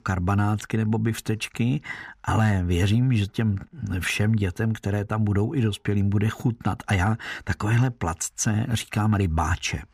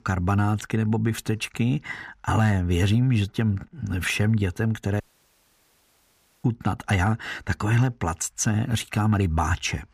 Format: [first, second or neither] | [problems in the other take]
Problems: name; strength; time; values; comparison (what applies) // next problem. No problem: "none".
first | audio cutting out; at 5 s for 1.5 s